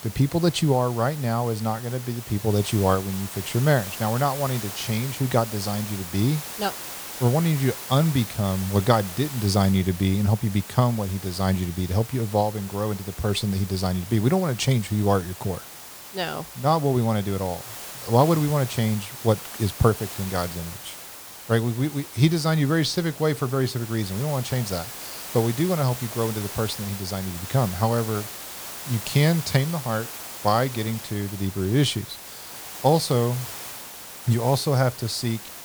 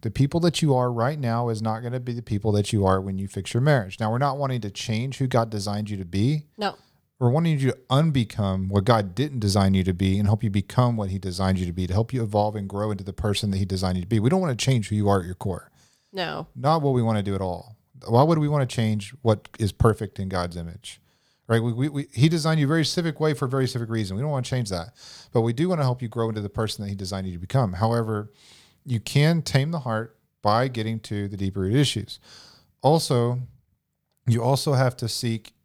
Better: second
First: hiss; noticeable; throughout; 10 dB below the speech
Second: none

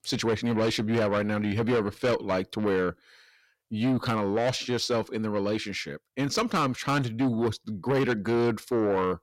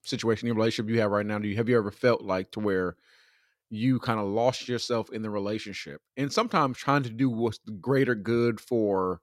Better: second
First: distortion; heavy; 8 dB below the speech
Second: none

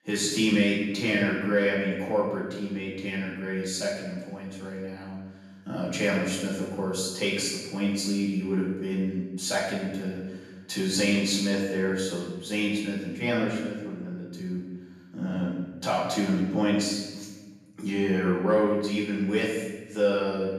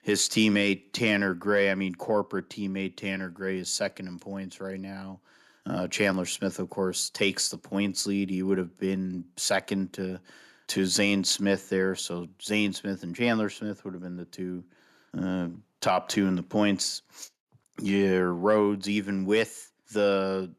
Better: second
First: room echo; noticeable; dies away in 1.2 s // off-mic speech; far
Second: none

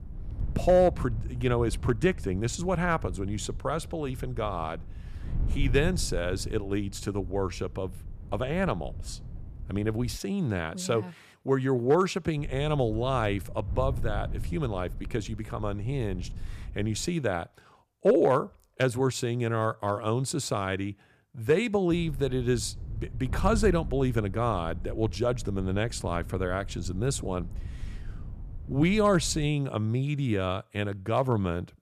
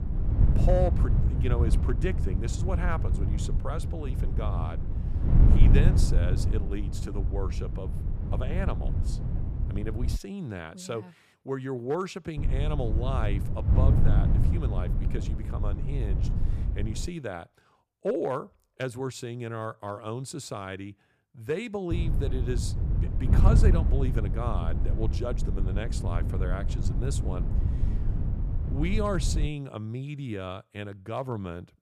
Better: first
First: wind noise on the microphone; occasional gusts; until 10 s, from 12 to 17 s and from 22 to 29 s; 25 dB below the speech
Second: wind noise on the microphone; heavy; until 10 s, from 12 to 17 s and from 22 to 29 s; 5 dB below the speech

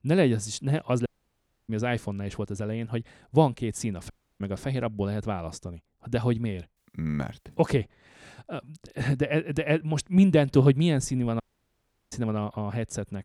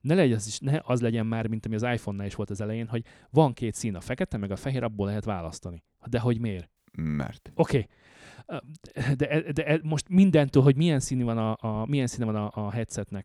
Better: second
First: audio cutting out; at 1 s for 0.5 s, at 4 s and at 11 s for 0.5 s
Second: none

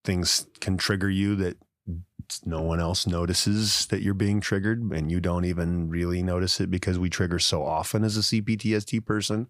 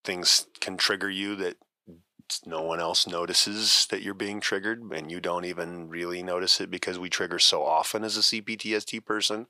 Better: first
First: none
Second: thin; very; fading below 450 Hz

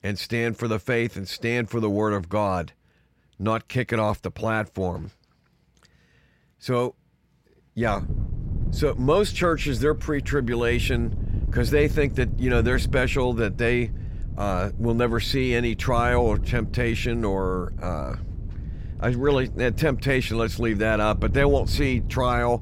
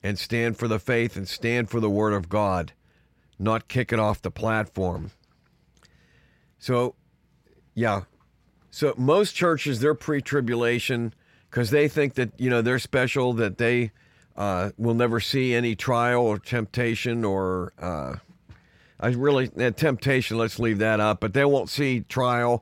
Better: second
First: wind noise on the microphone; occasional gusts; from 8 s on; 20 dB below the speech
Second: none

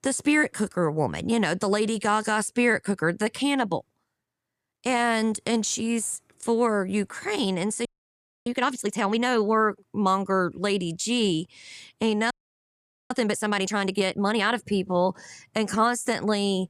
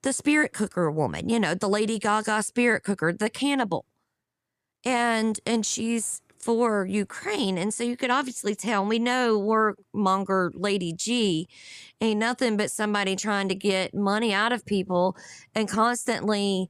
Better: second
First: audio freezing; at 8 s for 0.5 s and at 12 s for 1 s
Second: none

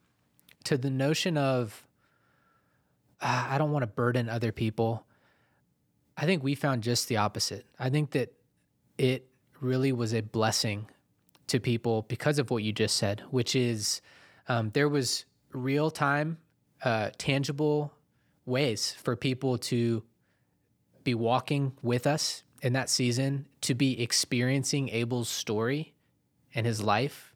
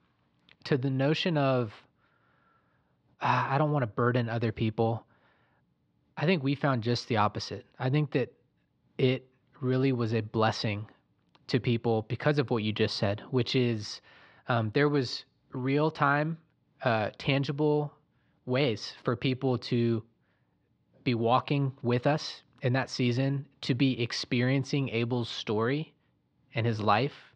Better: first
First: none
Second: muffled; slightly; fading above 4 kHz

